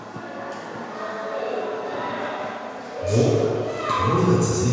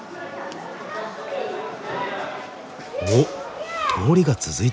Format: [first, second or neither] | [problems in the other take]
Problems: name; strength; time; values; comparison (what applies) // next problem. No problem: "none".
second | background sound (Tambourine); 20 dB below the speech // room echo; dies away in 1.9 s